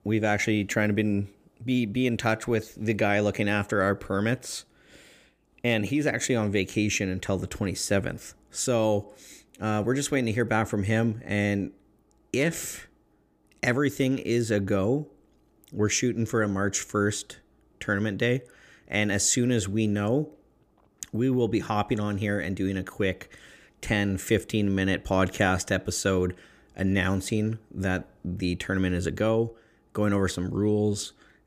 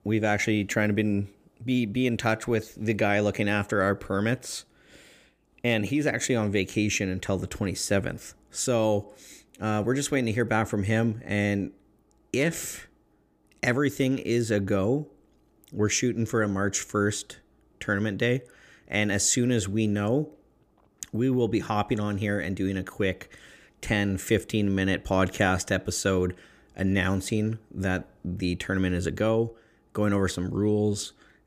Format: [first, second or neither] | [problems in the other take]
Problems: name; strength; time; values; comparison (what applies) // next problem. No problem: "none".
neither | none